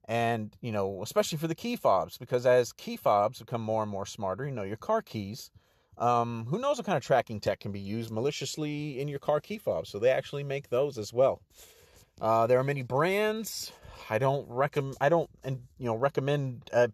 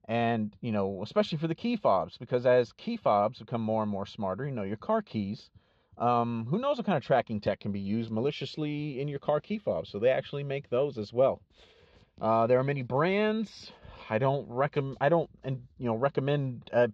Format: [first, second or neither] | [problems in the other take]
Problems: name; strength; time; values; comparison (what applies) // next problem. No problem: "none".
first | muffled; very slightly; fading above 4 kHz